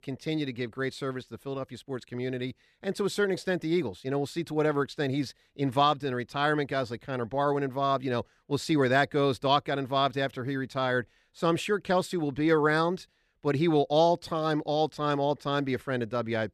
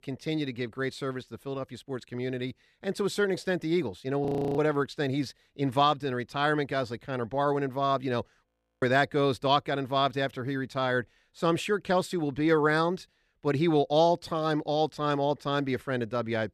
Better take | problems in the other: first | audio freezing; at 4.5 s and at 8.5 s

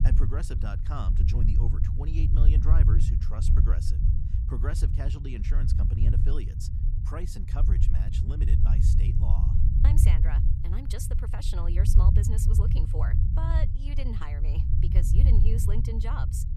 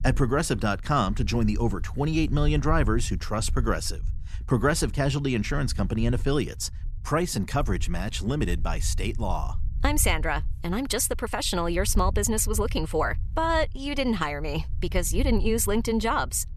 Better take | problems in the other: second | low rumble; loud; throughout; as loud as the speech; faint in the second

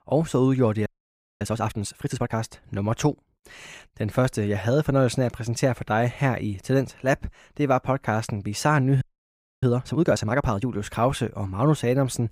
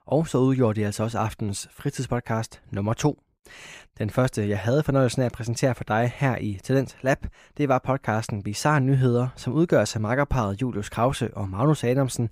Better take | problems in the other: second | audio freezing; at 1 s for 0.5 s and at 9 s for 0.5 s

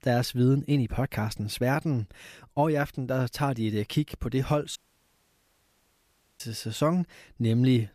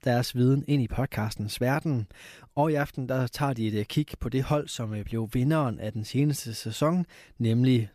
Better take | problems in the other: second | audio cutting out; at 5 s for 1.5 s

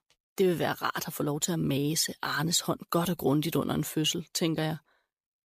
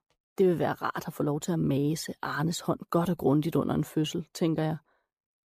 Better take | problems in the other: first | muffled; slightly; fading above 1.5 kHz

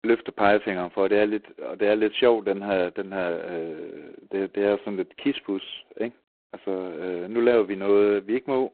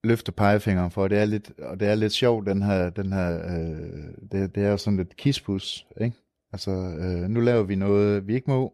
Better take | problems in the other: second | phone-call audio; poor line

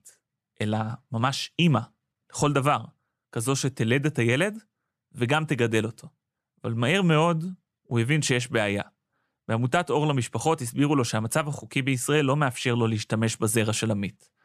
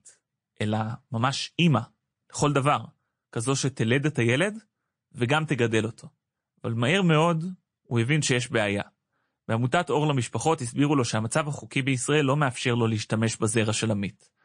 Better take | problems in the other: first | garbled, watery; slightly; nothing above 8.5 kHz

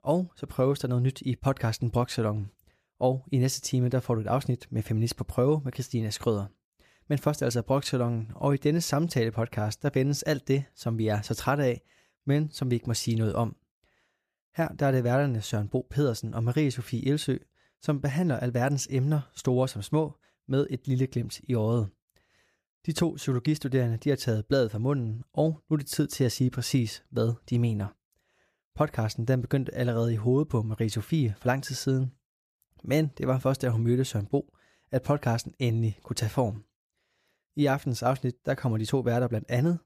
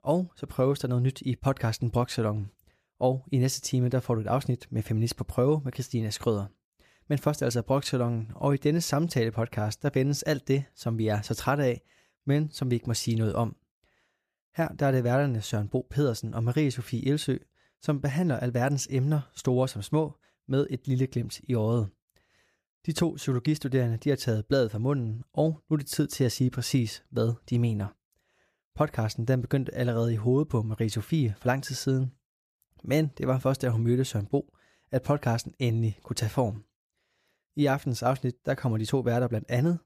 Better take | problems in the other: neither | none

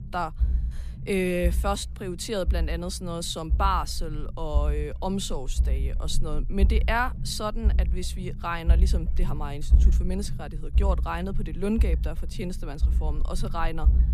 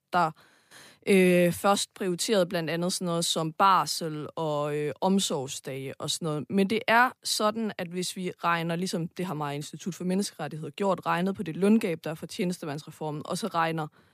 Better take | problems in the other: second | low rumble; noticeable; throughout; 15 dB below the speech

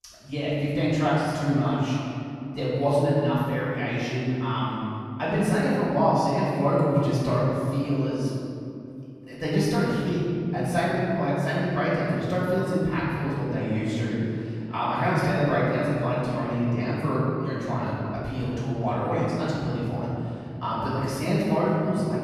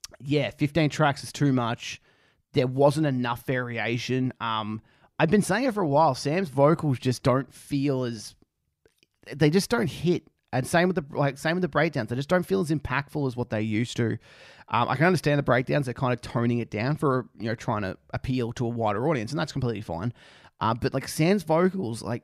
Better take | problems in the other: second | room echo; strong; dies away in 2.7 s // off-mic speech; far

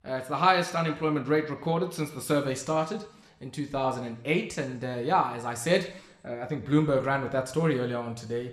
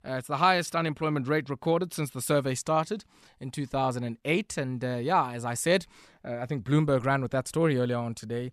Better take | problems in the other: second | room echo; very slight; dies away in 0.7 s

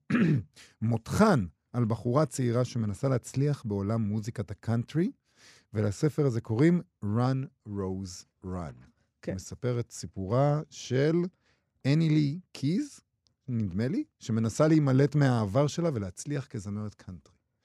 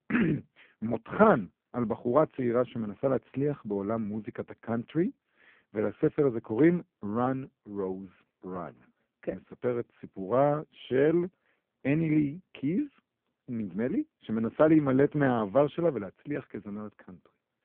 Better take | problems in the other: first | phone-call audio; poor line

